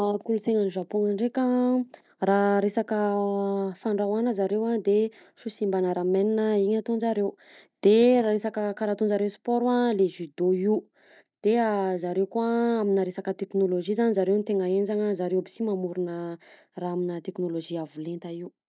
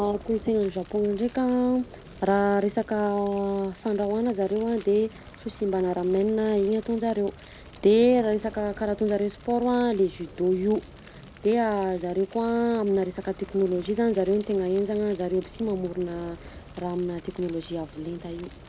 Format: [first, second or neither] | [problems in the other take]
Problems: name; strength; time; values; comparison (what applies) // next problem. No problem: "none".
first | background sound (Fire); 20 dB below the speech